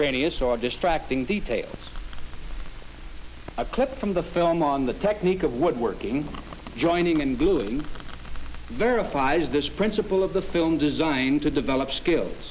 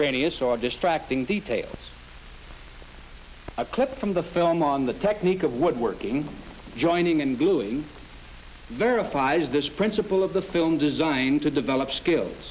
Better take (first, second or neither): second